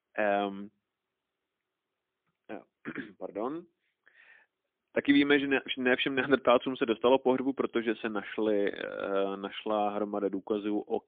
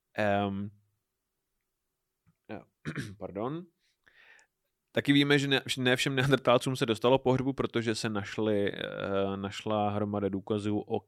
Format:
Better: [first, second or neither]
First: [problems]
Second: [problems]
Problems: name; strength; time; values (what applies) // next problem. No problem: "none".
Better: second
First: phone-call audio; poor line; nothing above 3.5 kHz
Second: none